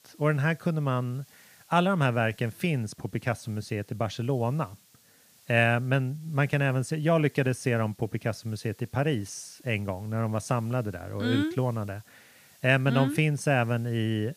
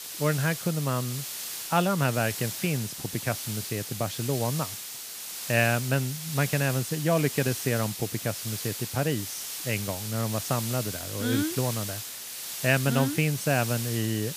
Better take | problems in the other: first | hiss; loud; throughout; 5 dB below the speech; faint in the first

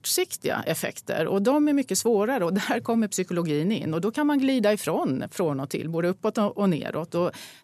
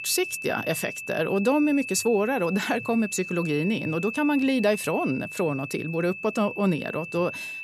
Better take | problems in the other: first | high-pitched whine; loud; throughout; 2.5 kHz, 9 dB below the speech

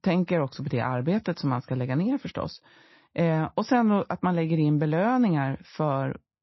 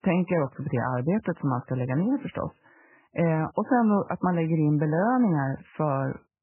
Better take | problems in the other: first | garbled, watery; badly; nothing above 3 kHz; slightly in the first

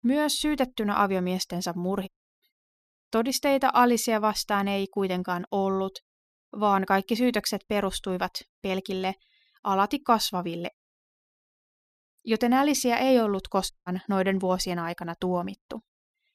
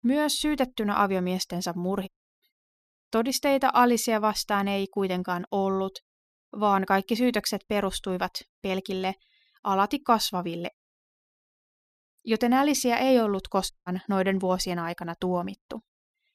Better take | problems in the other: neither | audio cutting out; at 2 s, at 11 s for 1 s and at 14 s; the same in both

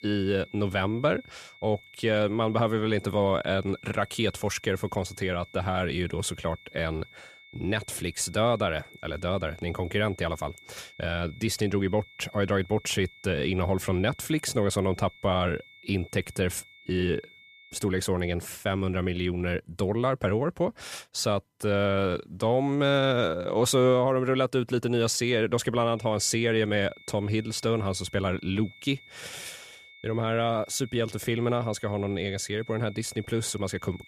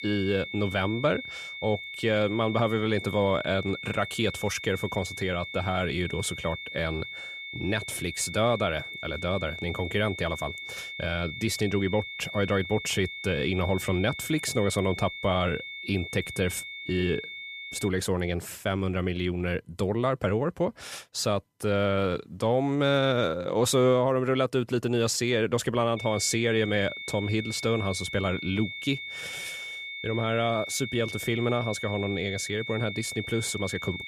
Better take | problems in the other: first | high-pitched whine; loud; until 18 s and from 26 s on; 2 kHz, 8 dB below the speech; faint in the first

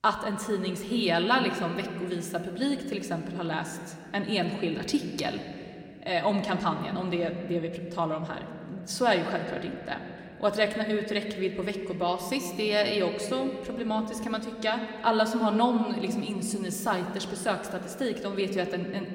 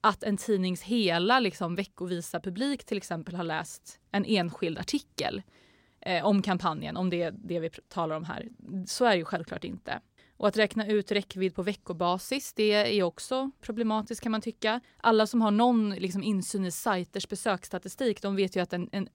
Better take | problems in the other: second | room echo; very slight; dies away in 2.3 s

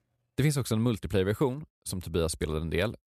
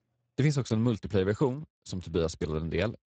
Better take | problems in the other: first | garbled, watery; badly; nothing above 8 kHz

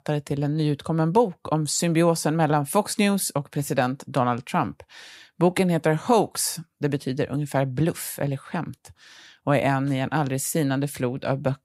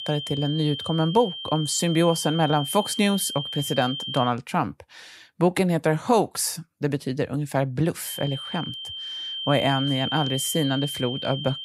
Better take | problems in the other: first | high-pitched whine; loud; until 4.5 s and from 8 s on; 3 kHz, 6 dB below the speech

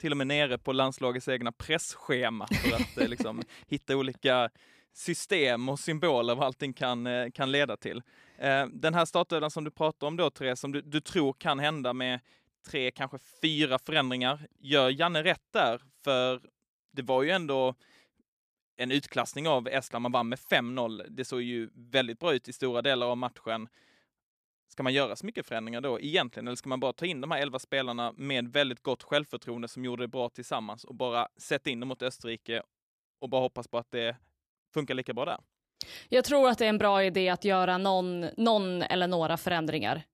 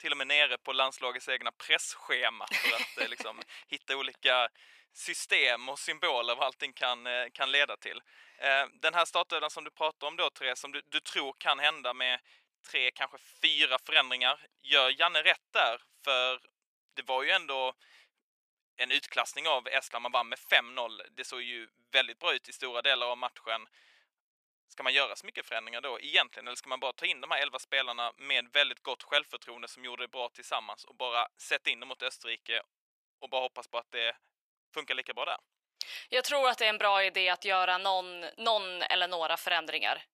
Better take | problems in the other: first | thin; very; fading below 850 Hz

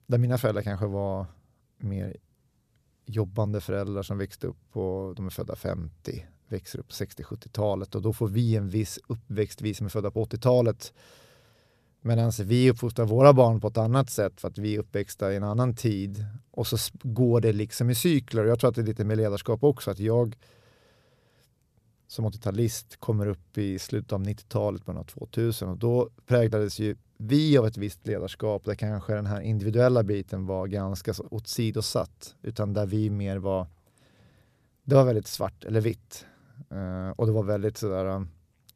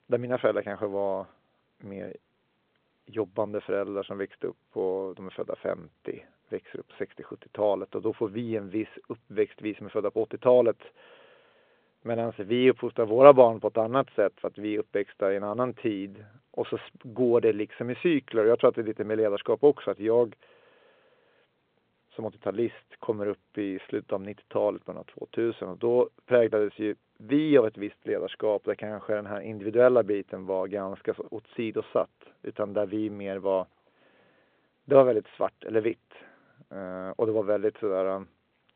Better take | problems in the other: first | phone-call audio

